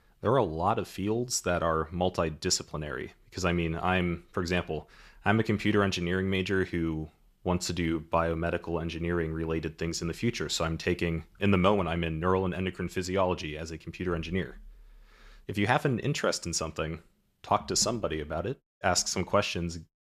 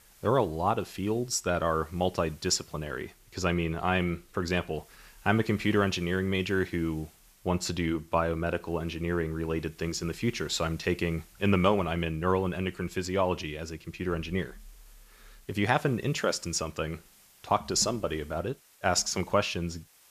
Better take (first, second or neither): first